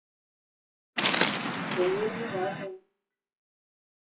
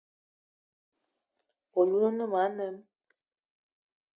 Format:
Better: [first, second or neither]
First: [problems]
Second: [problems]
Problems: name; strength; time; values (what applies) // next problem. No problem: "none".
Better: second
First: noise reduction (classical method WPE with log-MMSE)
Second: none